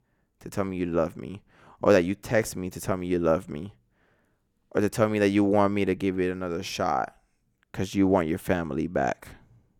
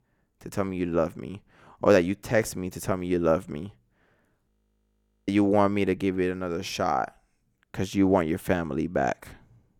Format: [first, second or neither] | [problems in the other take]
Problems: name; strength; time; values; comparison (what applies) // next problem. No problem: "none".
first | audio freezing; at 4.5 s for 1 s